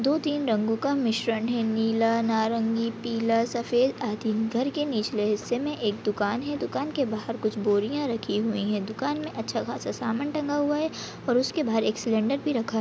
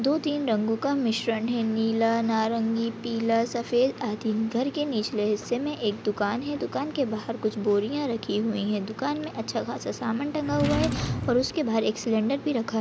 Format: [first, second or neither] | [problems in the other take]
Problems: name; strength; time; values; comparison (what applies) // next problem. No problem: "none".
first | background sound (Drawer open or close); 4 dB below the speech